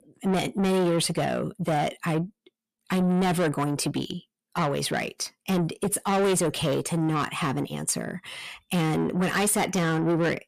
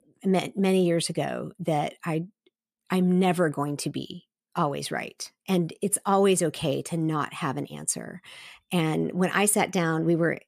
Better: second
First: distortion; heavy; 8 dB below the speech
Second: none

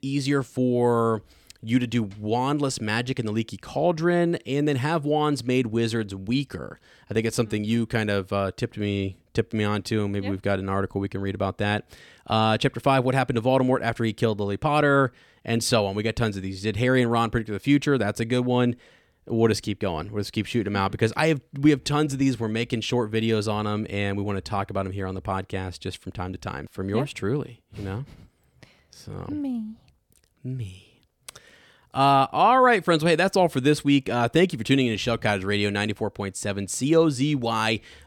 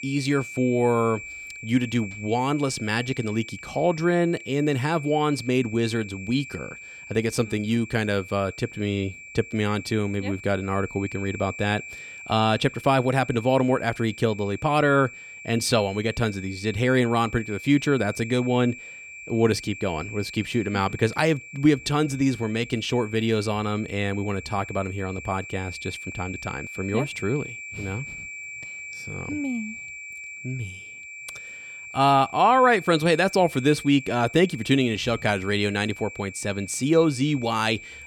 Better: first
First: none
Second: high-pitched whine; noticeable; throughout; 2.5 kHz, 15 dB below the speech

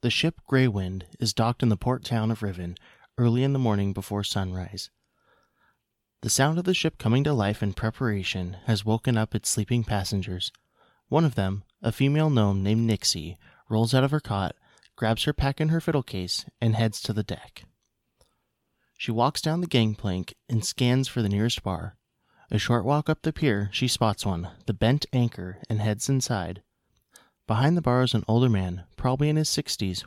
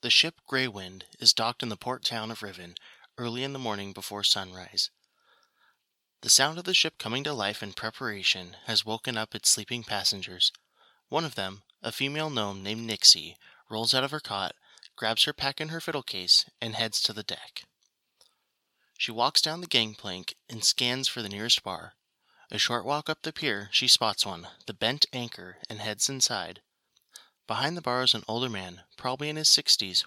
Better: first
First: none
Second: thin; somewhat; fading below 1 kHz

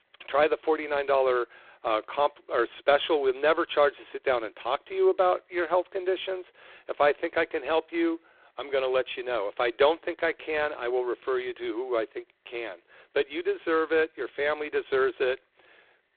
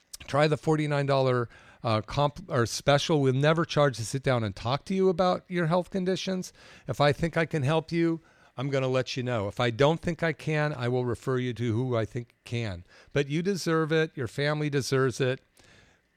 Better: second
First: phone-call audio; poor line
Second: none

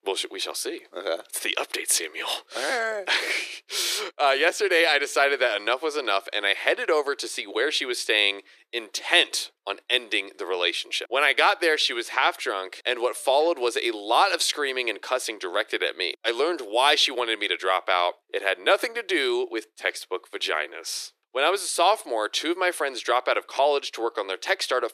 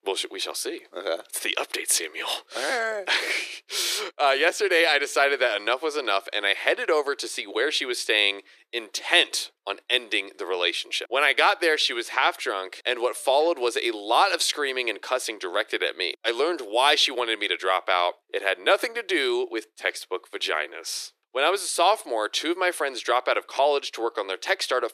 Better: neither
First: thin; very; fading below 350 Hz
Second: thin; very; fading below 350 Hz

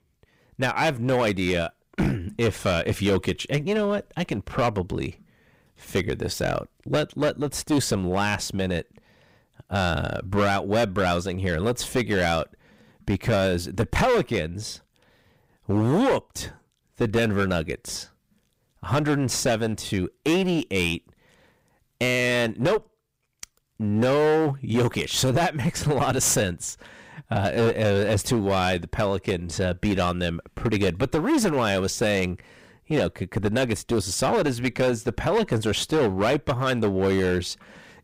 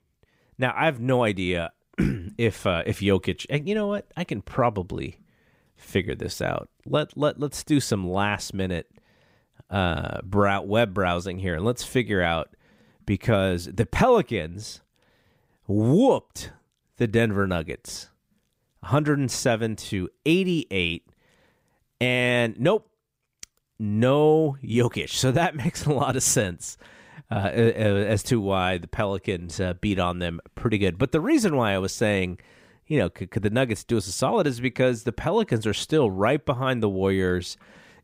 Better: second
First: distortion; heavy; 13% of the sound clipped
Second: none

